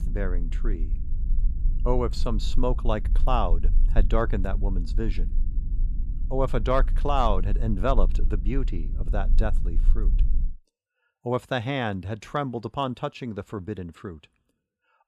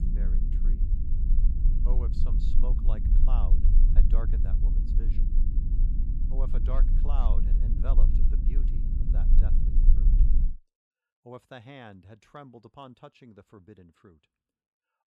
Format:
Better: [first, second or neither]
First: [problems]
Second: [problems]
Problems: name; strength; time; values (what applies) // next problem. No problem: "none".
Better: first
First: low rumble; faint; until 10 s; 20 dB below the speech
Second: low rumble; loud; until 10 s; 2 dB below the speech